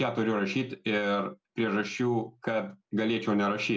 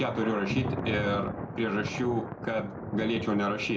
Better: first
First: none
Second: background sound (Thunder); 5 dB below the speech

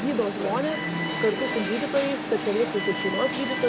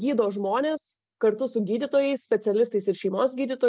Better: second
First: background sound (Alarm); 3 dB below the speech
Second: none

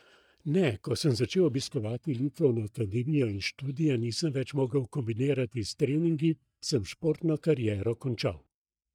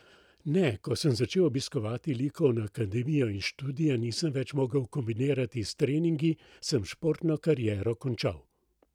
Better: second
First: noise reduction (neural mask model DeepFilterNet 3)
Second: none

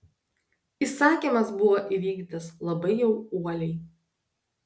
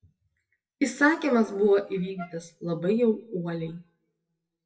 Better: first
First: none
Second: noise reduction (classical method WPE with log-MMSE)

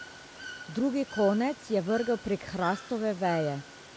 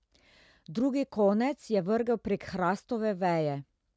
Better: second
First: background sound (Water / Bird); 15 dB below the speech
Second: none

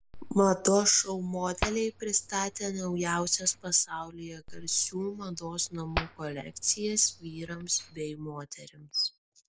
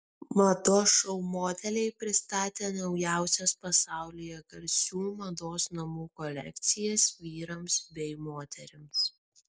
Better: second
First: background sound (Hands); 12 dB below the speech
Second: none

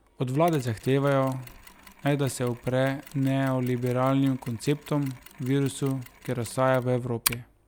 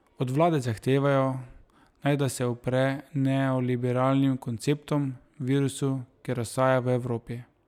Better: second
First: background sound (Mechanisms); 16 dB below the speech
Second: none

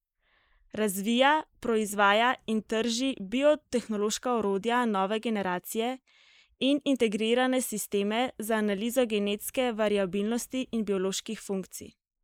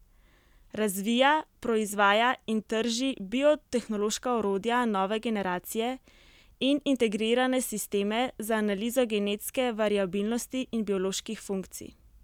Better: second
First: noise reduction (neural mask model Resemble Enhance denoiser)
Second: none

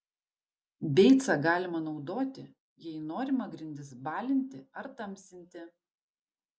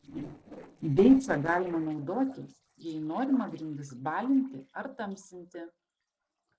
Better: first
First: none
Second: noise reduction (neural separator model SepFormer DNS4)

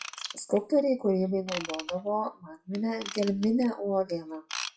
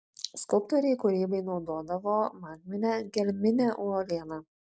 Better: second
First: noise reduction (classical method WPE with log-MMSE)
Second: none

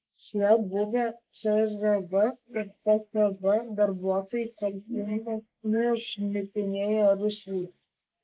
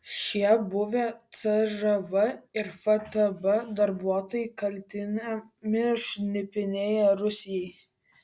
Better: second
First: noise reduction (neural mask model Resemble Enhance denoiser)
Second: none

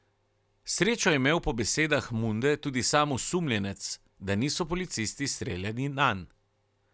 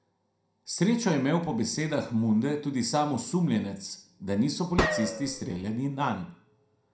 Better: first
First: none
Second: background sound (Gunshot, gunfire); 3 dB below the speech // room echo; dies away in 0.4 s

